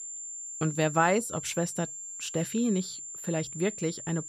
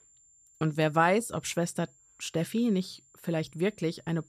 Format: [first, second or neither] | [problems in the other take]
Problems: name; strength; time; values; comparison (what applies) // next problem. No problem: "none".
second | high-pitched whine; loud; throughout; 7.5 kHz, 8 dB below the speech; faint in the second